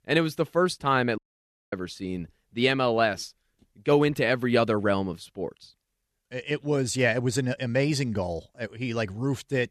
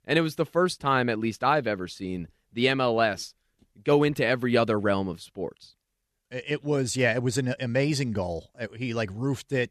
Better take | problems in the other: second | audio cutting out; at 1 s for 0.5 s

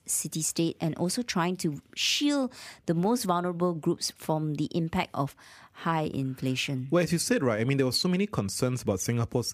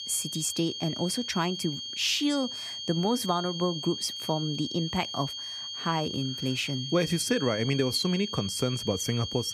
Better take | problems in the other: first | high-pitched whine; loud; throughout; 3 kHz, 5 dB below the speech

